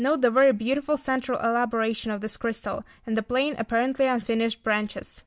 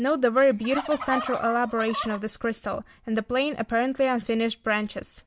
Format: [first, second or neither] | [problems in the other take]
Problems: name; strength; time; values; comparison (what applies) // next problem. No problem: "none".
first | background sound (Fowl); 9 dB below the speech